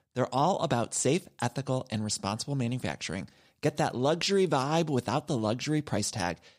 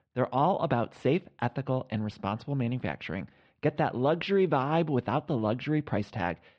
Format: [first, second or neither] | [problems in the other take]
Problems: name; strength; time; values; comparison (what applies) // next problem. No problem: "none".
first | muffled; very; fading above 3 kHz